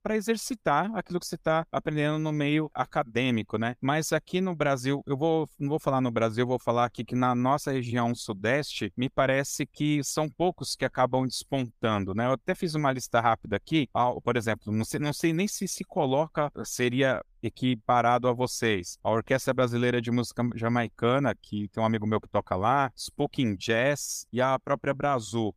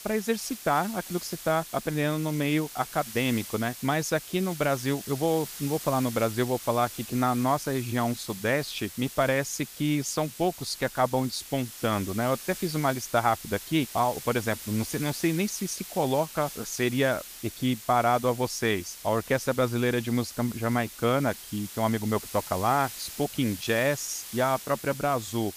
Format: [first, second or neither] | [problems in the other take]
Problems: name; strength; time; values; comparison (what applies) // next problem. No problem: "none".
first | hiss; noticeable; throughout; 10 dB below the speech